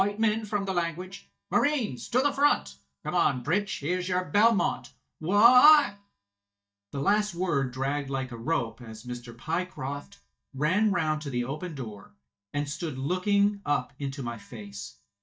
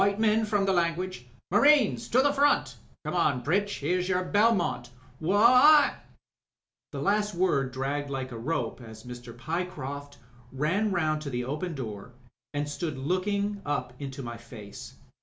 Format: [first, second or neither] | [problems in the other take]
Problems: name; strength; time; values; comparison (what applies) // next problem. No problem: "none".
second | noise reduction (neural mask model DeepFilterNet 3)